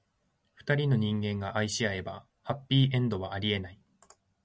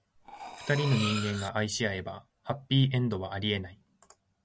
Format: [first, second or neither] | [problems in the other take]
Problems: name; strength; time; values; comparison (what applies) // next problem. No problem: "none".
first | background sound (Cutlery, silverware); 8 dB below the speech